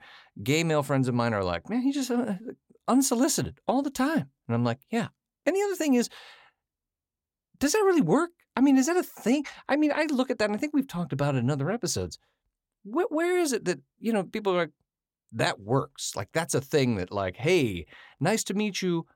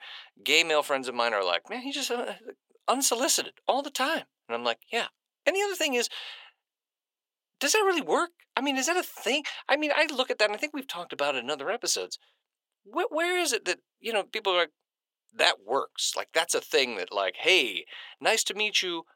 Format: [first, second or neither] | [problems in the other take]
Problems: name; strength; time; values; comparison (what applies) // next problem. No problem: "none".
first | thin; very; fading below 450 Hz